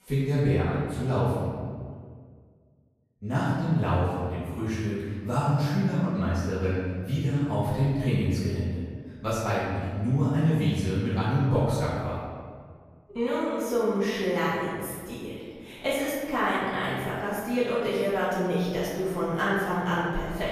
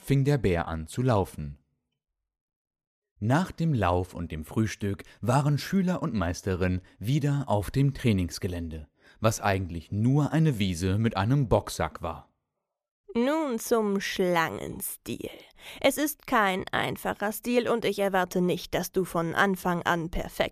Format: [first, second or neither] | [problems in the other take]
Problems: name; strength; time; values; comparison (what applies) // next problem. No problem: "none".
second | off-mic speech; far // room echo; strong; dies away in 1.7 s